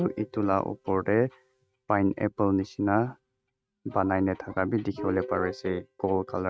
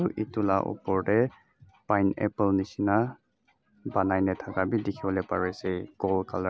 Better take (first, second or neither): second